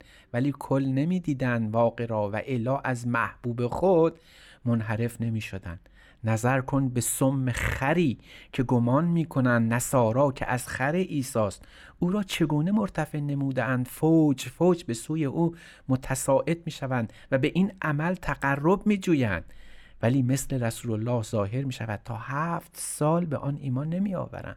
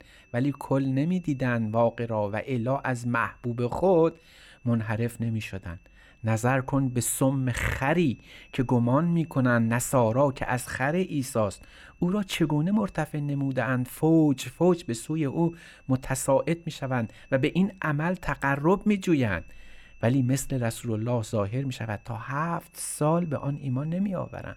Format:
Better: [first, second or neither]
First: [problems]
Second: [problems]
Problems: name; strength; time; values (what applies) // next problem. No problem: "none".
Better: first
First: none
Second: high-pitched whine; faint; throughout; 2.5 kHz, 35 dB below the speech